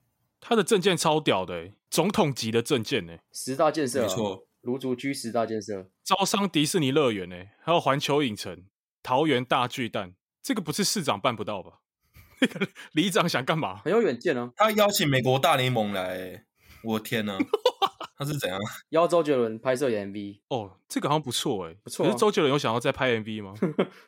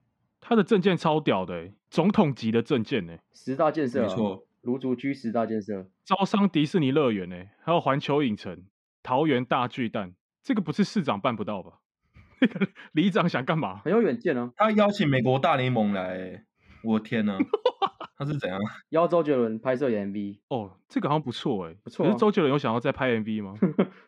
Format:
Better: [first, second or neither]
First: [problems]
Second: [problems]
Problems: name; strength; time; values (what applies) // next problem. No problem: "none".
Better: first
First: none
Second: muffled; slightly; fading above 2.5 kHz